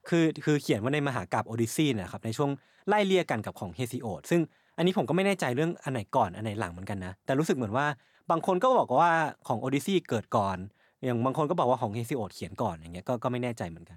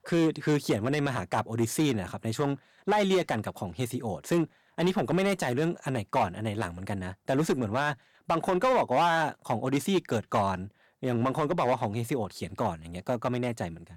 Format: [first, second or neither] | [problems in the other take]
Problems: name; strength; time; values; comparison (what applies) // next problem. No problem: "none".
first | distortion; slight; 5% of the sound clipped